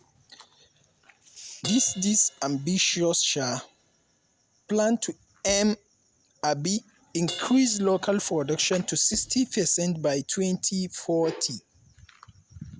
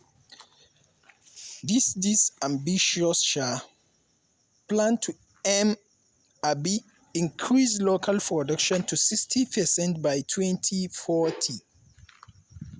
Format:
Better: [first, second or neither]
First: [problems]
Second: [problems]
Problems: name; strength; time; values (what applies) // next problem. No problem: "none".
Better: second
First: background sound (Crash cymbal + Writing); 20 dB below the speech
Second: none